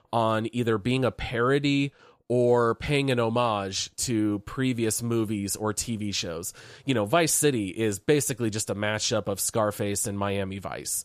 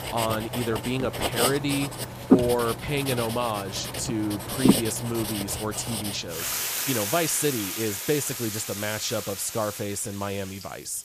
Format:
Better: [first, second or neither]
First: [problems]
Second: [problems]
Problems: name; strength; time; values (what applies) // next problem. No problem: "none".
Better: first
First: none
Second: household noises; loud; throughout; as loud as the speech